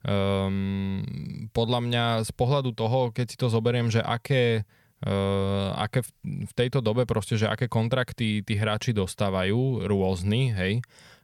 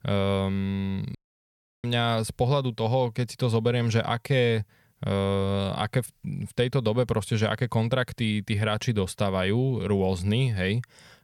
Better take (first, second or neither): first